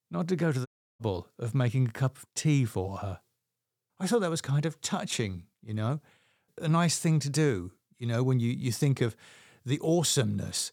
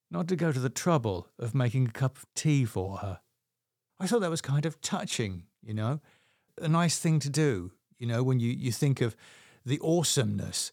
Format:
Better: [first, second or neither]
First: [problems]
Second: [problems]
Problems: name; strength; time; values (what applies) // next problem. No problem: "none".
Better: second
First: audio cutting out; at 0.5 s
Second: none